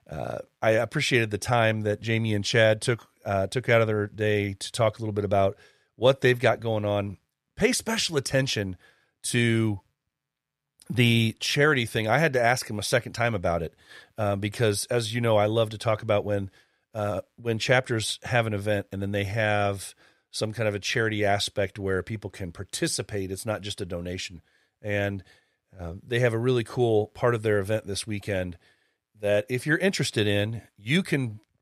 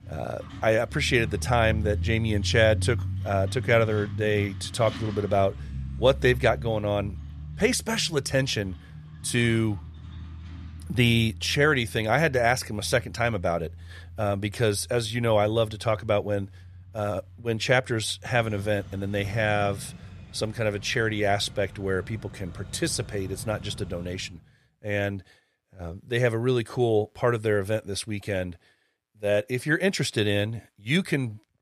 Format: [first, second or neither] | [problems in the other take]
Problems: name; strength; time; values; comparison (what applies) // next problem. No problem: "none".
first | traffic noise; noticeable; until 24 s; 10 dB below the speech